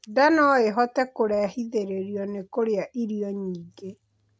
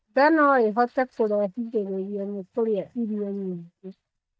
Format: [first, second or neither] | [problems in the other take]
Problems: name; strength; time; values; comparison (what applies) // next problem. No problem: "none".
first | noise reduction (neural mask model DeepFilterNet 3)